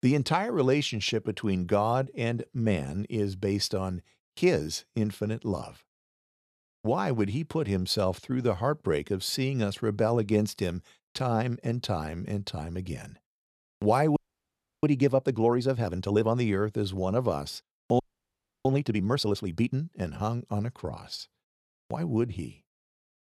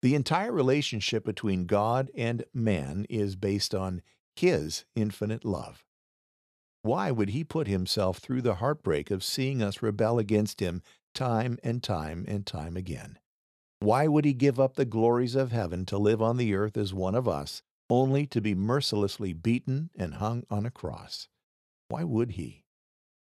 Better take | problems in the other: second | audio freezing; at 14 s for 0.5 s and at 18 s for 0.5 s

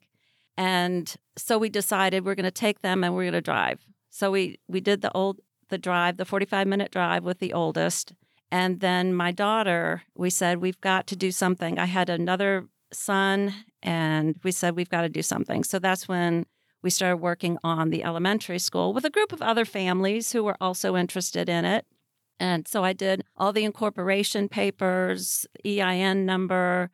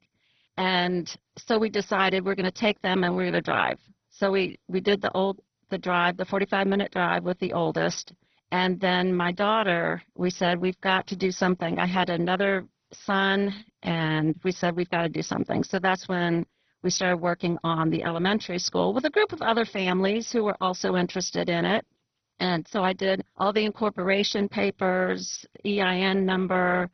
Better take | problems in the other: first | garbled, watery; badly; nothing above 6 kHz

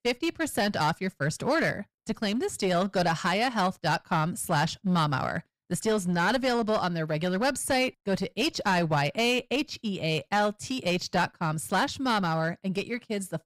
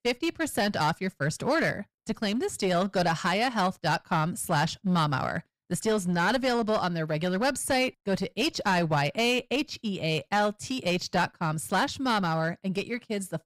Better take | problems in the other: neither | distortion; slight; 9% of the sound clipped; the same in both

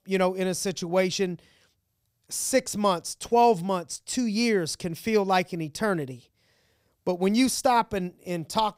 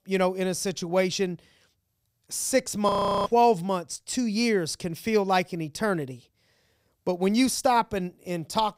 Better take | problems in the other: first | audio freezing; at 3 s

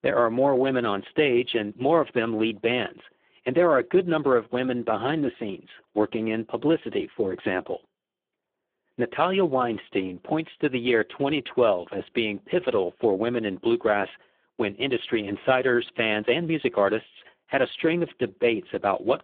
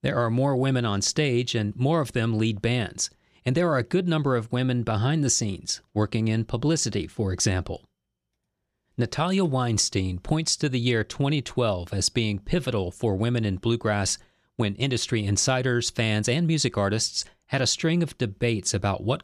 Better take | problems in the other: second | phone-call audio; poor line

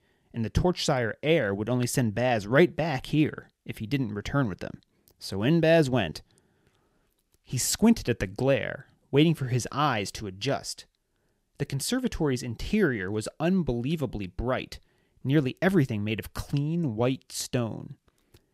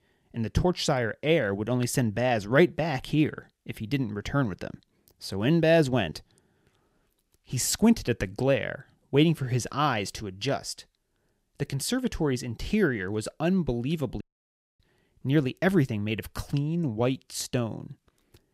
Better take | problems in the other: first | audio cutting out; at 14 s for 0.5 s

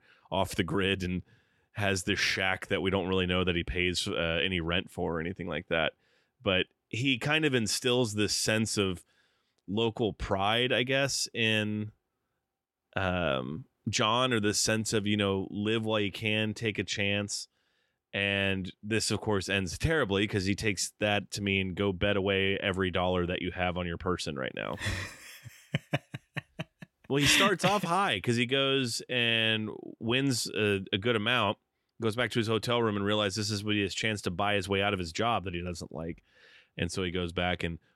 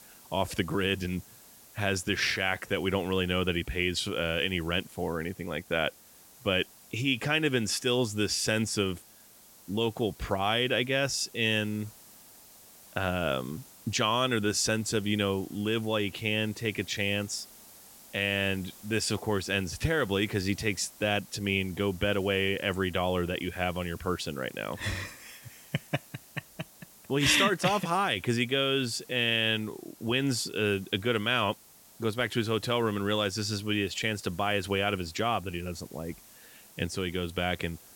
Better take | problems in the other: first | hiss; faint; throughout; 20 dB below the speech

